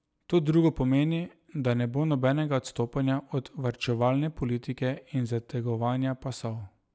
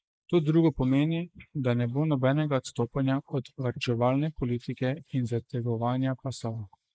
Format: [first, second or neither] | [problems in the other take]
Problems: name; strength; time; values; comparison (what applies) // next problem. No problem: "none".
first | noise reduction (neural mask model Resemble Enhance denoiser)